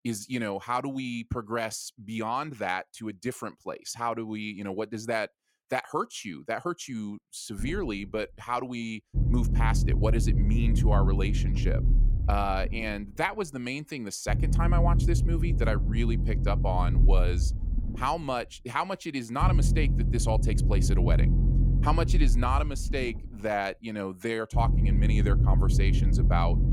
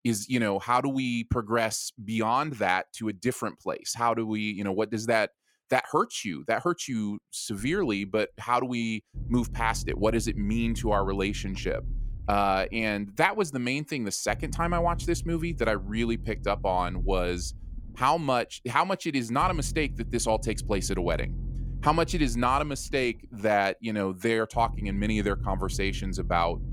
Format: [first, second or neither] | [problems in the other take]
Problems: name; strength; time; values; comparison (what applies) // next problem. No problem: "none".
second | low rumble; loud; from 7.5 s on; 9 dB below the speech; faint in the second